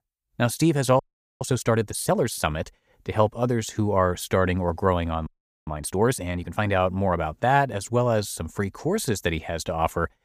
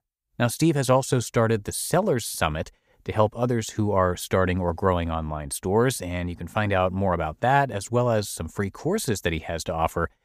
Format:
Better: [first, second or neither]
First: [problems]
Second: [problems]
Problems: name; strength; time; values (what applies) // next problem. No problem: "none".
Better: second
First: audio freezing; at 1 s and at 5.5 s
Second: none